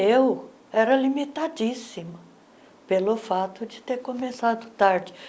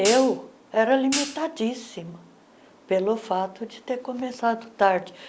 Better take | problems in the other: first | background sound (Hi-hat); 8 dB below the speech

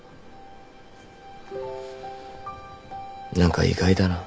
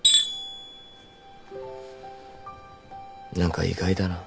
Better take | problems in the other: first | background sound (Tools); 2 dB above the speech

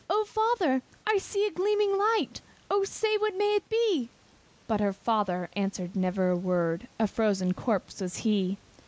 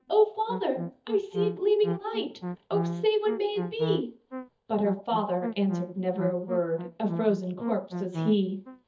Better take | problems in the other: first | noise reduction (neural mask model DeepFilterNet 3)

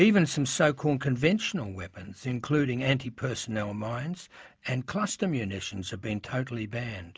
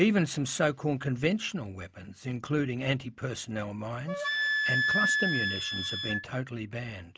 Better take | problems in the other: first | background sound (Wind instrument, woodwind instrument); as loud as the speech

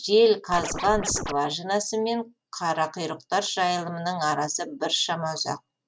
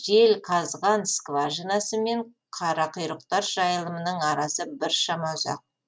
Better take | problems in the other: second | background sound (Scratching (performance technique)); 6 dB below the speech

